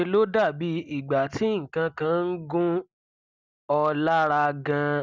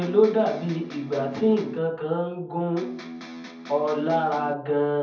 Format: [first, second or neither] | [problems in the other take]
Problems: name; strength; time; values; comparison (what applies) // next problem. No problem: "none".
first | background sound (Electric guitar); 12 dB below the speech // room echo; dies away in 0.7 s